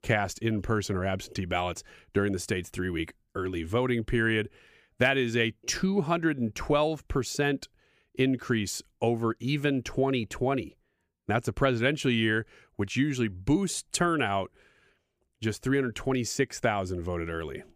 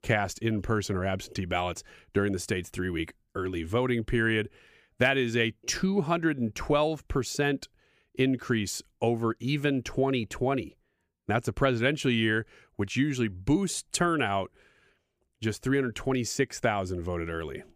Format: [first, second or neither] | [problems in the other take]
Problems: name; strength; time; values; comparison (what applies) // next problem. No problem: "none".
neither | none